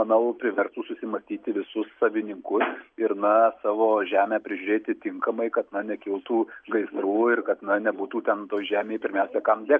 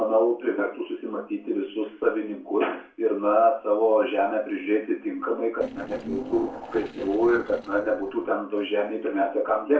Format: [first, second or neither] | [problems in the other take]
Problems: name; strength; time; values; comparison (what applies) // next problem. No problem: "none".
first | noise reduction (neural separator model SepFormer DNS4)